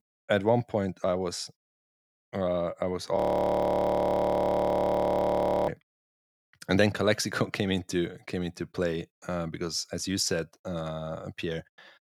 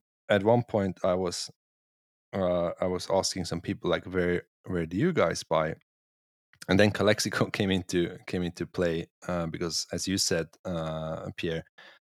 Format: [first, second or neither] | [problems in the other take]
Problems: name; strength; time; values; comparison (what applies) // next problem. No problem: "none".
second | audio freezing; at 3 s for 2.5 s